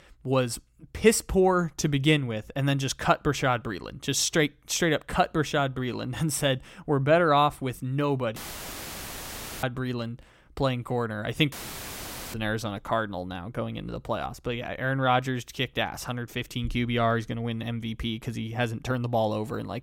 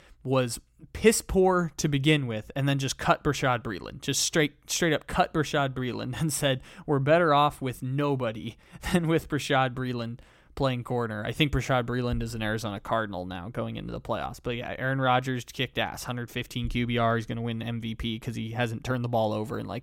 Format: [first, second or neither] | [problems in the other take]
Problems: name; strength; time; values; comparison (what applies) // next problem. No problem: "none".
second | audio cutting out; filled with static; at 8.5 s for 1.5 s and at 12 s for 1 s